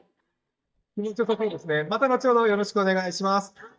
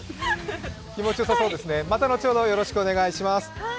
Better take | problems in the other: second | noise reduction (neural mask model DeepFilterNet 3)

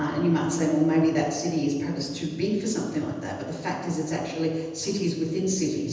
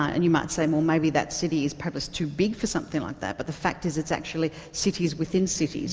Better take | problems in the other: second | room echo; dies away in 1.1 s

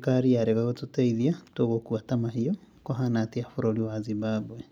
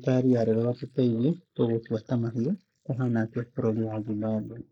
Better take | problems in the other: first | noise reduction (neural mask model Resemble Enhance denoiser)

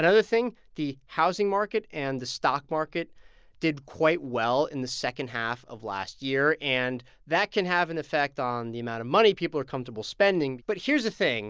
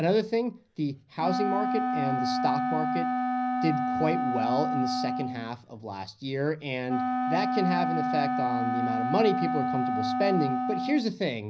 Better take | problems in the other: first | background sound (Wind instrument, woodwind instrument); 1 dB above the speech // room echo; dies away in 0.4 s

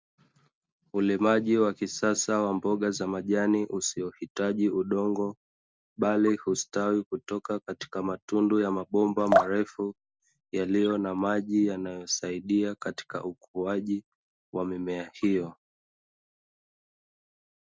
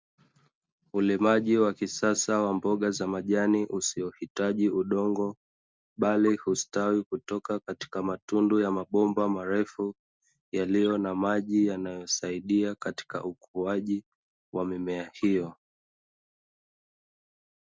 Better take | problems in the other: second | background sound (Drip); 1 dB below the speech

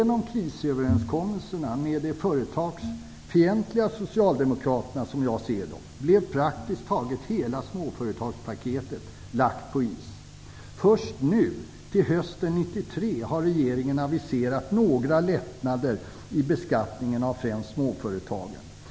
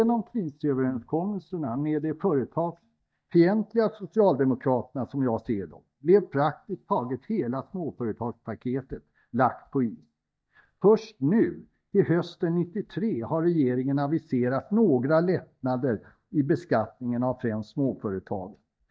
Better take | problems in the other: first | noise reduction (neural mask model DeepFilterNet 3)

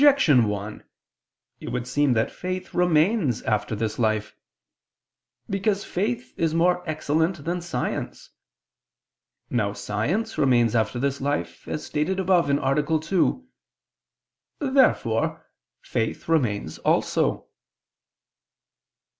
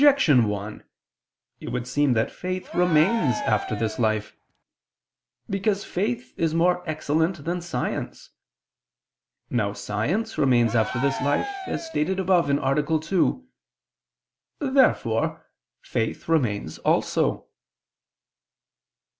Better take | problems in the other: first | background sound (Cheering); 8 dB below the speech

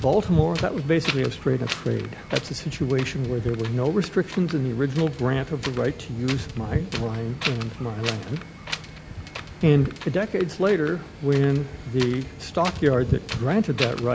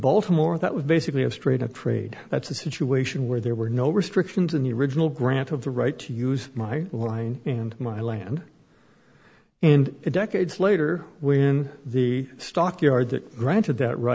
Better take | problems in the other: second | background sound (Wind); 9 dB below the speech

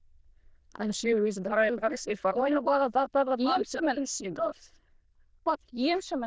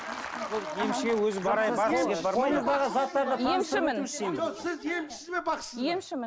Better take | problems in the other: second | noise reduction (neural diffusion model UNIVERSE++)

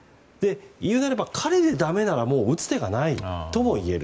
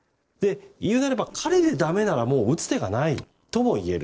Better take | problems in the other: first | noise reduction (neural separator model SepFormer DNS4)

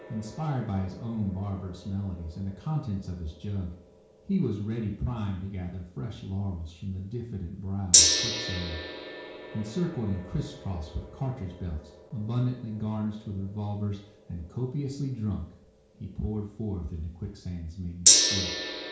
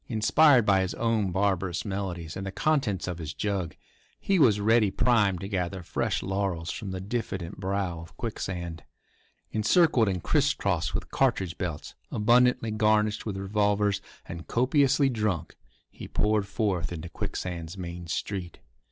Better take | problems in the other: second | background sound (Gong); 1 dB above the speech // room echo; dies away in 0.6 s

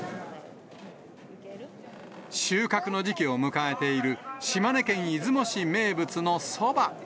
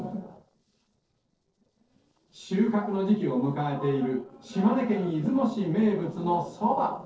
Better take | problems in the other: first | noise reduction (neural separator model SepFormer DNS4)

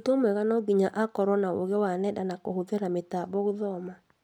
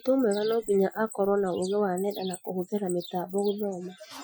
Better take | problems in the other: first | noise reduction (classical method Wiener filter)

